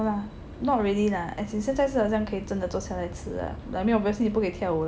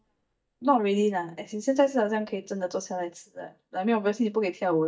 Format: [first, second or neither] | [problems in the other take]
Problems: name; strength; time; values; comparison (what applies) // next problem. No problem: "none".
first | noise reduction (neural mask model DeepFilterNet 3)